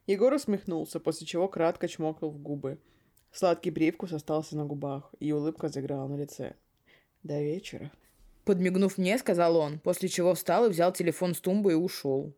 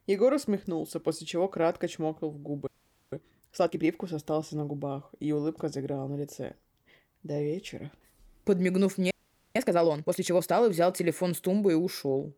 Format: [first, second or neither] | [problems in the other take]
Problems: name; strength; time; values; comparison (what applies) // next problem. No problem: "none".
first | audio freezing; at 2.5 s and at 9 s